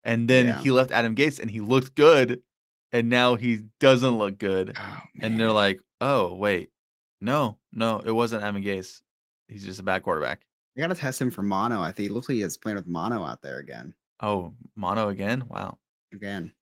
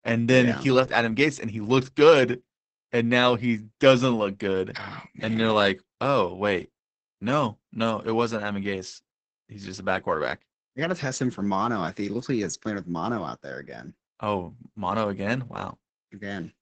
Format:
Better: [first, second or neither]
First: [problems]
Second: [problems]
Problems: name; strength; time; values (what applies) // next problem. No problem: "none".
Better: first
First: garbled, watery; slightly; nothing above 16 kHz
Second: garbled, watery; badly; nothing above 8 kHz